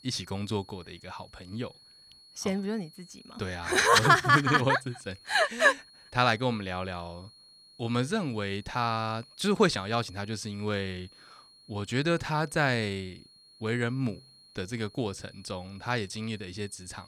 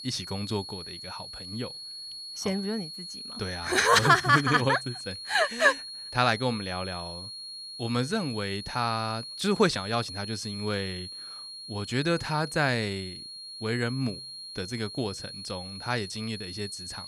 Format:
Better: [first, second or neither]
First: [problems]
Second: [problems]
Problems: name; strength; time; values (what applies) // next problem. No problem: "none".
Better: first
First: high-pitched whine; faint; throughout; 4.5 kHz, 25 dB below the speech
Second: high-pitched whine; loud; throughout; 4.5 kHz, 10 dB below the speech